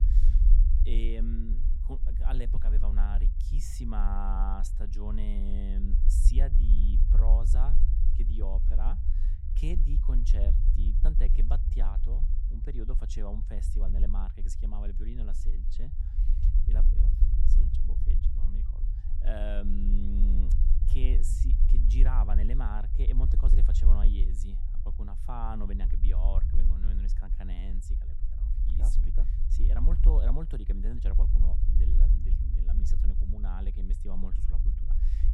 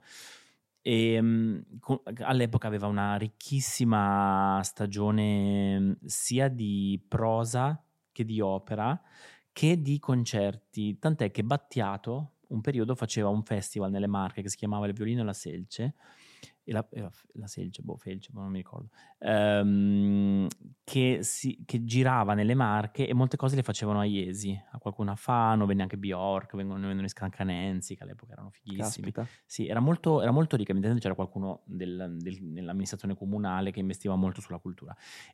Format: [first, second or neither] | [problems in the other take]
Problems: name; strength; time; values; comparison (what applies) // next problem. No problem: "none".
second | low rumble; loud; throughout; 6 dB below the speech